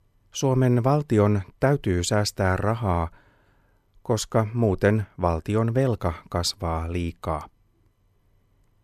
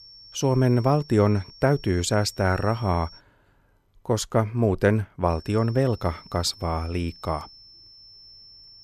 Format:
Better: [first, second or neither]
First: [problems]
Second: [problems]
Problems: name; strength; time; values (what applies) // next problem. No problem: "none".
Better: first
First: none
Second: high-pitched whine; faint; until 3 s and from 5.5 s on; 5.5 kHz, 20 dB below the speech